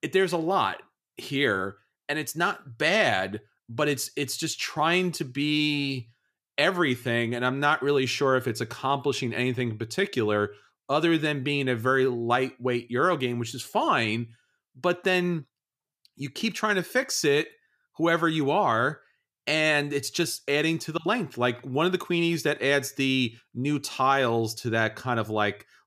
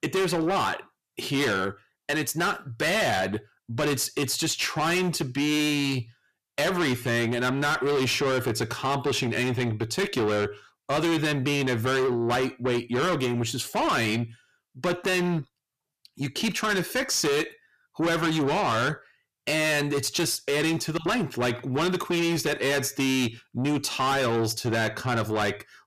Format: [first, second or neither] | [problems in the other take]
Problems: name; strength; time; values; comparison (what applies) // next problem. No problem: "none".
first | distortion; heavy; 6 dB below the speech